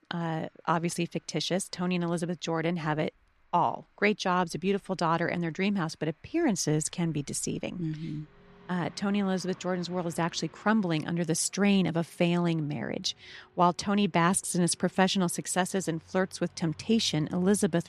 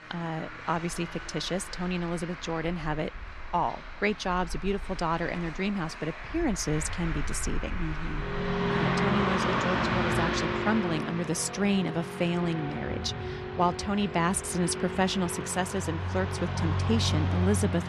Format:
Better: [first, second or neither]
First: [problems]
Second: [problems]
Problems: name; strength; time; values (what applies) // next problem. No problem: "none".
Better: first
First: traffic noise; faint; throughout; 30 dB below the speech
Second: traffic noise; loud; throughout; 2 dB below the speech